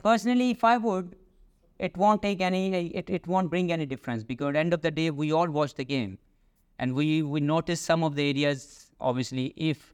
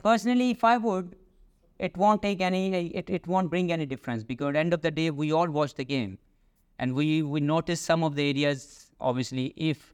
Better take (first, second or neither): neither